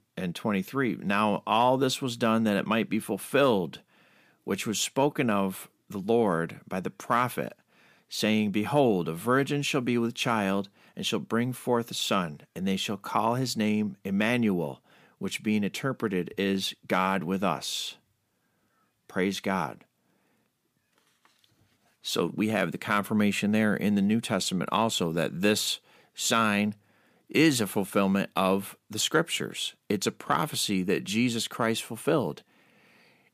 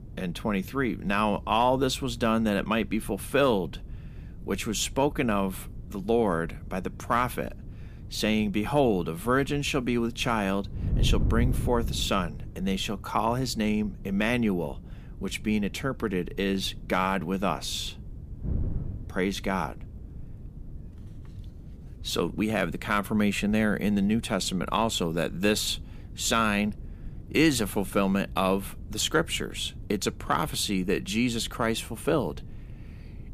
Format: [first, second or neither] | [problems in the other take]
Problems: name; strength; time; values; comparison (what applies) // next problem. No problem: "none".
first | wind noise on the microphone; occasional gusts; 25 dB below the speech